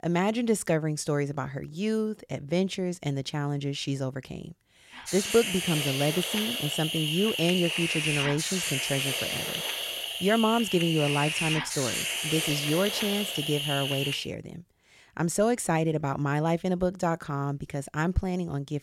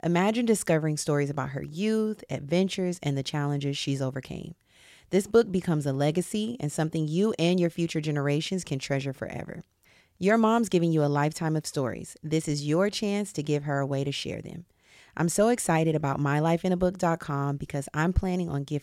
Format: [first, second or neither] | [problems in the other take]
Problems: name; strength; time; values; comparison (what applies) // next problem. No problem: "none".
second | hiss; loud; from 5 to 14 s; as loud as the speech